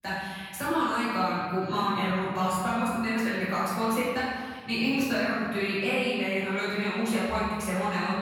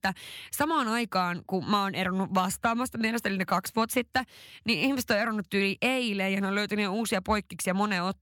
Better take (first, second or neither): second